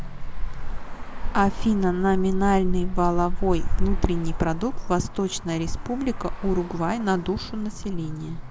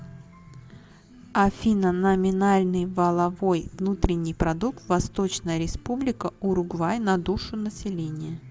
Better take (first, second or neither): second